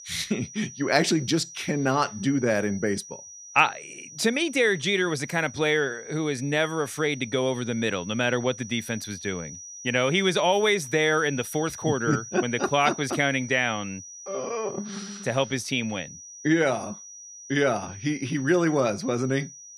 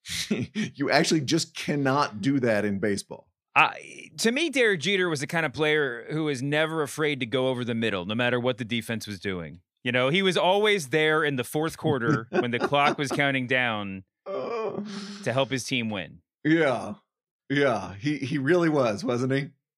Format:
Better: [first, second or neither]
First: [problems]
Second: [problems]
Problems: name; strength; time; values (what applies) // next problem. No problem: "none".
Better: second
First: high-pitched whine; noticeable; throughout; 6 kHz, 15 dB below the speech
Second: none